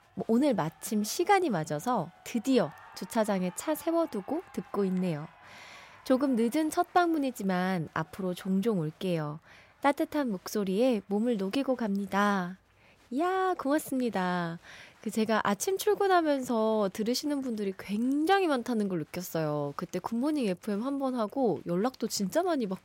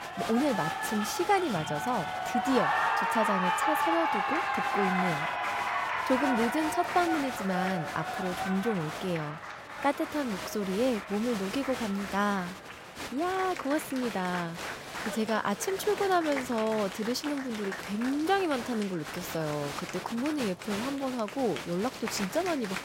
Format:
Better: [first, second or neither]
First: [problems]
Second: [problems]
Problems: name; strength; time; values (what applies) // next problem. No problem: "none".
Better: first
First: crowd noise; faint; throughout; 30 dB below the speech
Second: crowd noise; loud; throughout; 2 dB below the speech